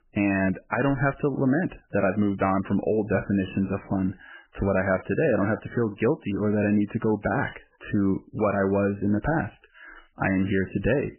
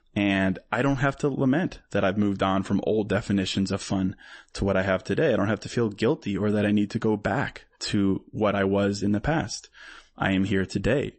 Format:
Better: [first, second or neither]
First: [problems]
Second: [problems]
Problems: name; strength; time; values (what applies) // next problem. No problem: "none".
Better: second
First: garbled, watery; badly; nothing above 2.5 kHz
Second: garbled, watery; slightly; nothing above 8 kHz